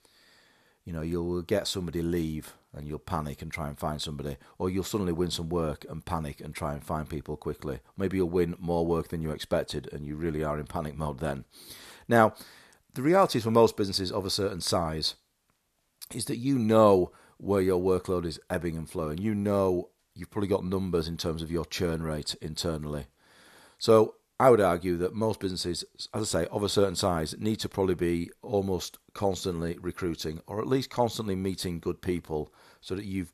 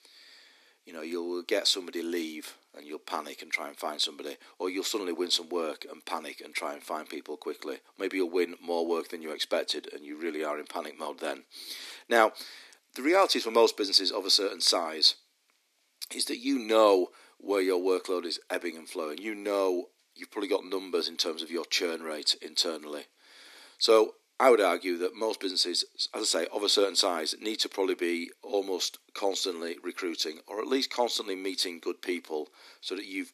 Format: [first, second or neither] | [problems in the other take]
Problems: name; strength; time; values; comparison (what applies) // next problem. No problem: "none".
first | thin; very slightly; fading below 250 Hz